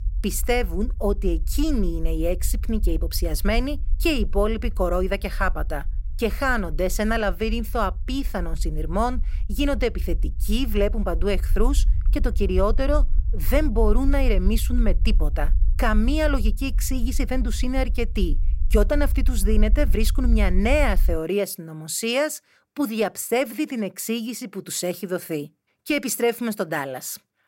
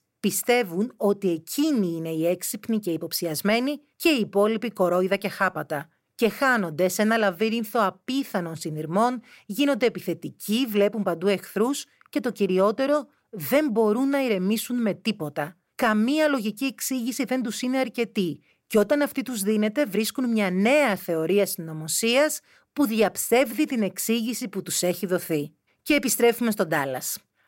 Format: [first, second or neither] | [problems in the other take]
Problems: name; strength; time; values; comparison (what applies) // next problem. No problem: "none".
second | low rumble; faint; until 21 s; 25 dB below the speech